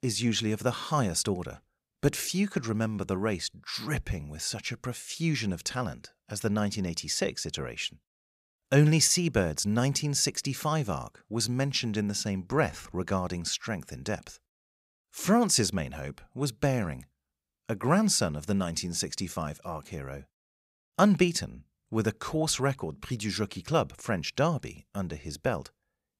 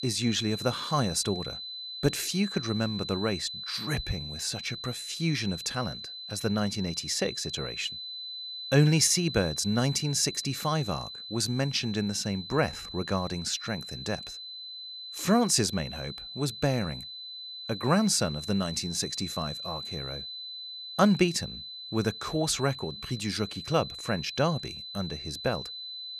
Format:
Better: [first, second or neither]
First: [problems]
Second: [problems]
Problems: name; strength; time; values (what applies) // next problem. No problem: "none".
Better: first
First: none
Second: high-pitched whine; loud; throughout; 4 kHz, 8 dB below the speech